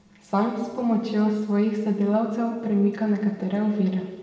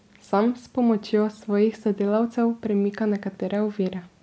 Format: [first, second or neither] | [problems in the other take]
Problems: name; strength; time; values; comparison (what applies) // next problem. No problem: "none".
second | room echo; dies away in 1.2 s